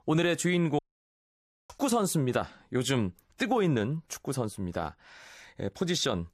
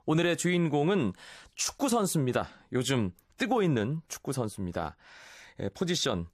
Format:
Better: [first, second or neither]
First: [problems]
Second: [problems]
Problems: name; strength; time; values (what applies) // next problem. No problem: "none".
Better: second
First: audio cutting out; at 1 s for 1 s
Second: none